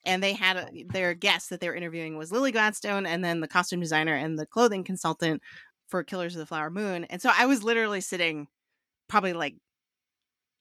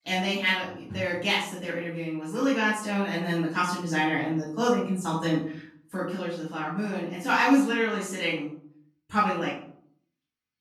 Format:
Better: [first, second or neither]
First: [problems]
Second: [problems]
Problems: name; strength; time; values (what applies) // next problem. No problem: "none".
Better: first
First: none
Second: off-mic speech; far // room echo; noticeable; dies away in 0.5 s